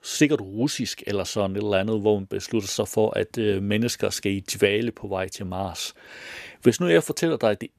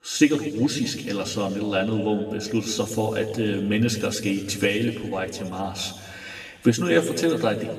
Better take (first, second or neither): first